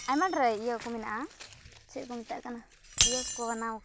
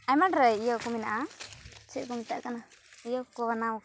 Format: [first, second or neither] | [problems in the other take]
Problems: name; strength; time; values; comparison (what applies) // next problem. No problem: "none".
second | background sound (Shatter); 3 dB below the speech